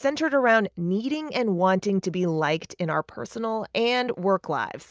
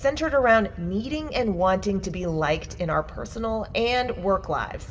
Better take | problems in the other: first | background sound (Wind / Boat, Water vehicle); 14 dB below the speech // room echo; dies away in 1.9 s

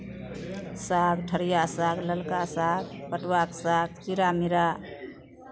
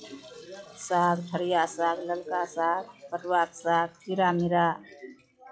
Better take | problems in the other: first | noise reduction (classical method log-MMSE)

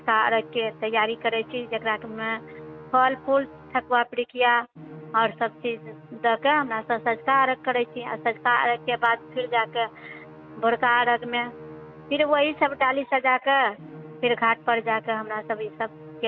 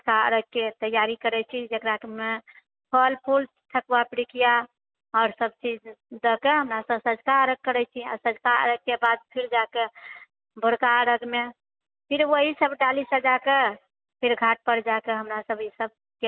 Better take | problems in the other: second | background sound (Musical instrument); 19 dB below the speech

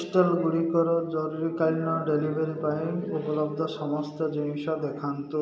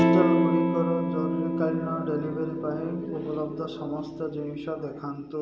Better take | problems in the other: first | background sound (Electric guitar / Strum); 3 dB above the speech

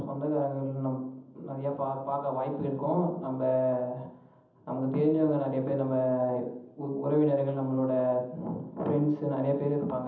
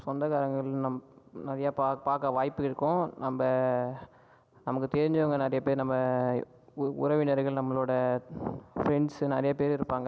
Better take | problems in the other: second | room echo; dies away in 0.8 s

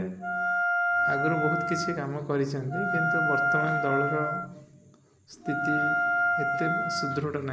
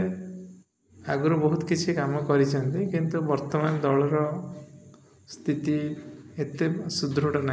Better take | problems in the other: second | background sound (Wind instrument, woodwind instrument); 4 dB above the speech

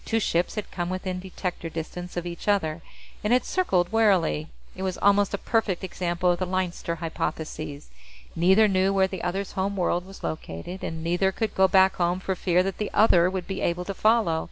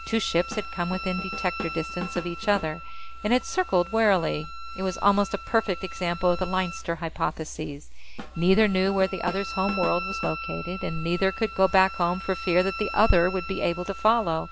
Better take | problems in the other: first | background sound (Drum / Drum kit + Wind instrument, woodwind instrument); 11 dB below the speech

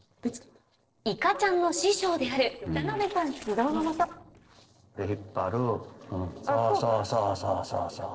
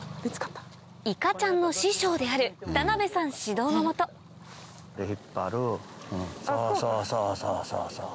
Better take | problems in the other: second | noise reduction (neural separator model SepFormer DNS4)

